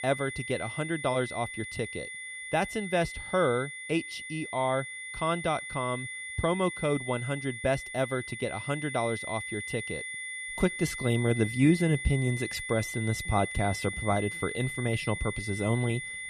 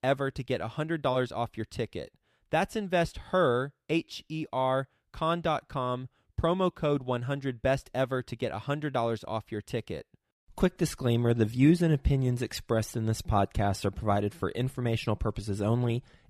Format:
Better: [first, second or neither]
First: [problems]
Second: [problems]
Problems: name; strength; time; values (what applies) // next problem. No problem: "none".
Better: second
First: high-pitched whine; loud; throughout; 2 kHz, 6 dB below the speech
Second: none